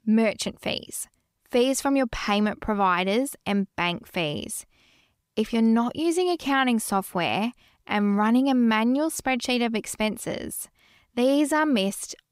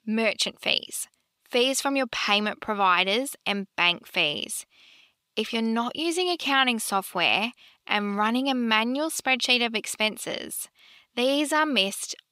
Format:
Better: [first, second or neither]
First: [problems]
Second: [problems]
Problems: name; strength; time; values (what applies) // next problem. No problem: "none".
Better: first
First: none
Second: thin; very slightly; fading below 450 Hz